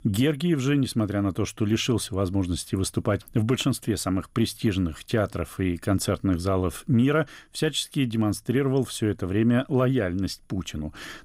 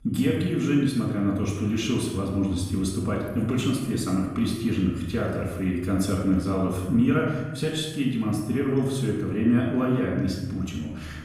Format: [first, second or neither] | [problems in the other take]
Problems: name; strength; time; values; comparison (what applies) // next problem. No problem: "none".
first | off-mic speech; far // room echo; noticeable; dies away in 1.1 s